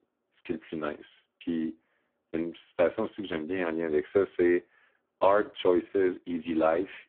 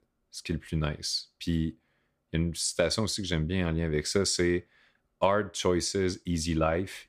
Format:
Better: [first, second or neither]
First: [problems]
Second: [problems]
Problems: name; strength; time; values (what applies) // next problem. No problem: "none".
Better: second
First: phone-call audio; poor line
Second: none